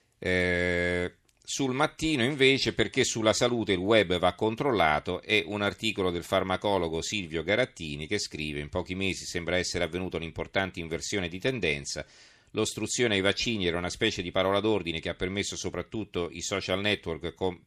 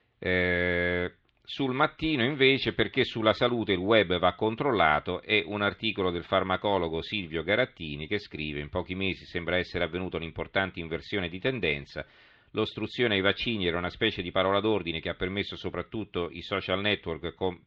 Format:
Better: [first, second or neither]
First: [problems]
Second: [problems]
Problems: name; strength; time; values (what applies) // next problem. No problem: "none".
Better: first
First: none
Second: muffled; very; fading above 3.5 kHz